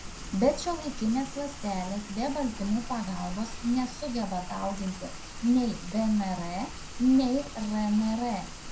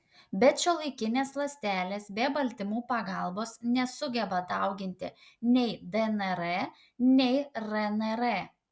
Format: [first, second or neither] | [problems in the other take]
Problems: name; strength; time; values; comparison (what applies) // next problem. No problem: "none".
second | background sound (Rain); 10 dB below the speech // room echo; dies away in 0.2 s